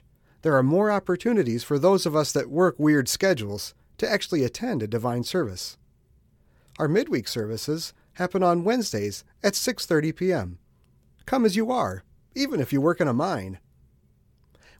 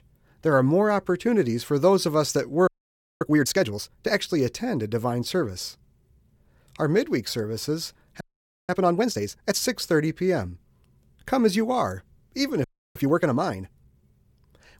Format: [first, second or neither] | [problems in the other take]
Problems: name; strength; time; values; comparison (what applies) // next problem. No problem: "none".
first | audio freezing; at 2.5 s for 0.5 s, at 8 s and at 13 s